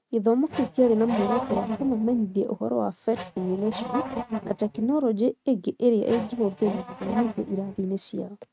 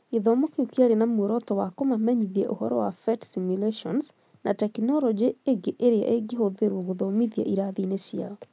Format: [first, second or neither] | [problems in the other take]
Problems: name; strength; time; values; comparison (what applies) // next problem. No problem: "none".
second | noise reduction (neural mask model RNNoise)